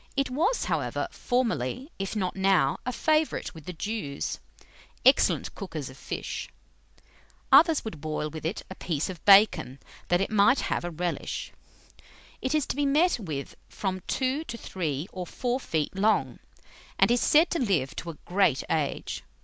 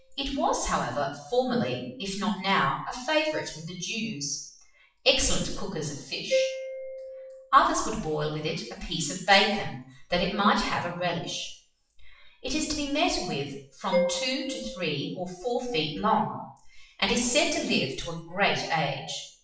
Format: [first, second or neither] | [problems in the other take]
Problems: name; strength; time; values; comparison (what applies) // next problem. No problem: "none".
first | noise reduction (classical method WPE with log-MMSE)